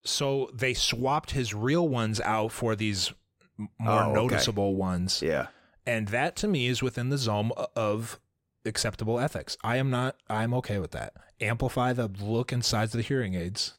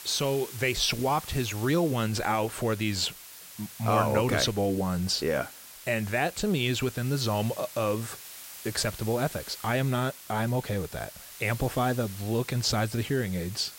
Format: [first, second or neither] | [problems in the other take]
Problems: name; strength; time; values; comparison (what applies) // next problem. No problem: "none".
first | hiss; noticeable; throughout; 15 dB below the speech